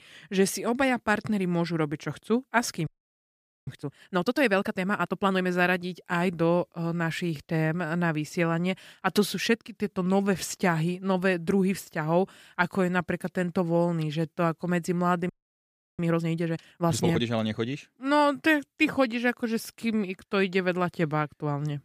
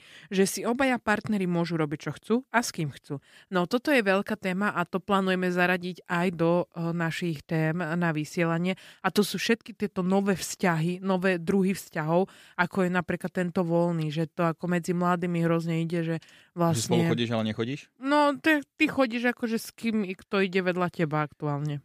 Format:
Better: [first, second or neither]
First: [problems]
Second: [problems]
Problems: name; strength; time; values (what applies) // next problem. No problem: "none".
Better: second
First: audio freezing; at 3 s for 1 s and at 15 s for 0.5 s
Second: none